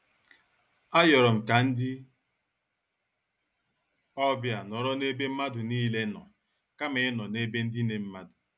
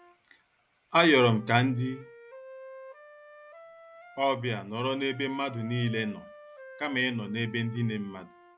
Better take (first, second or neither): first